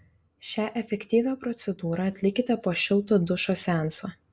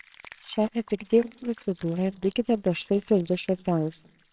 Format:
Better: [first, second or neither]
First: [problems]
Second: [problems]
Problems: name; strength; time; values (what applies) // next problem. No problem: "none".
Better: first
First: none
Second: noise reduction (neural separator model SepFormer WHAMR!)